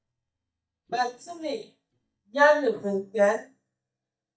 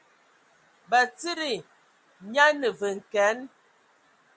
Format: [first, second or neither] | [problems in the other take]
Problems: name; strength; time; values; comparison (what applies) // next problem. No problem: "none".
second | noise reduction (neural mask model DeepFilterNet 3)